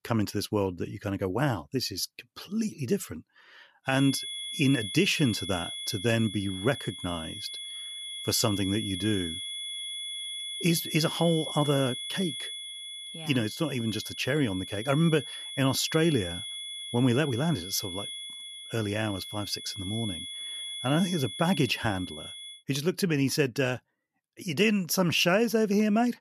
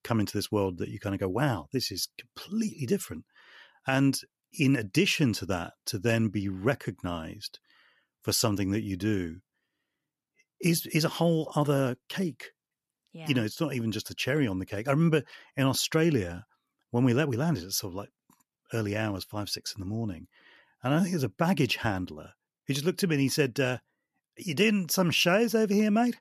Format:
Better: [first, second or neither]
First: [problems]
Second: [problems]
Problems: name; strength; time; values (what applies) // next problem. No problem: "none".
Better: second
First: high-pitched whine; loud; from 4 to 23 s; 3.5 kHz, 7 dB below the speech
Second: none